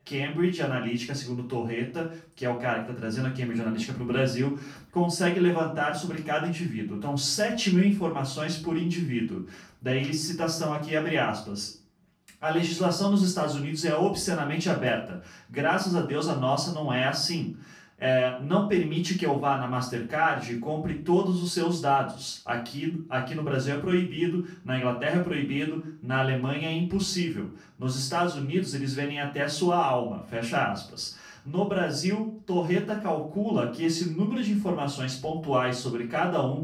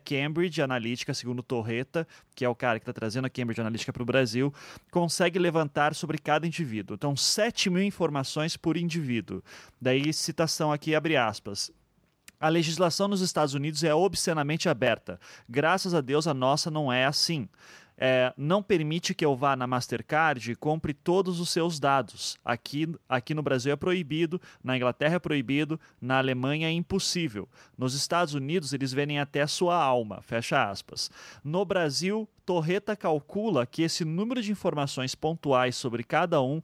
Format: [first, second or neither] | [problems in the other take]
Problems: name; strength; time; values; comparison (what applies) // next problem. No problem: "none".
second | off-mic speech; far // room echo; slight; dies away in 0.3 s